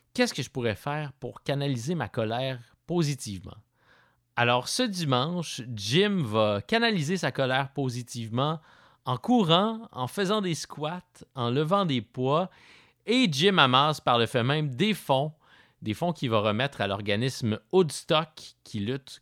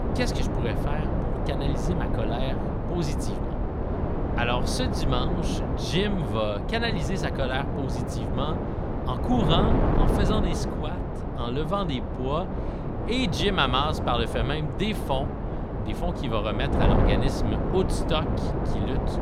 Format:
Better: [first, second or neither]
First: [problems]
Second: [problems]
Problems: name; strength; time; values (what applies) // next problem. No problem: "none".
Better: first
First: none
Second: wind noise on the microphone; heavy; 3 dB below the speech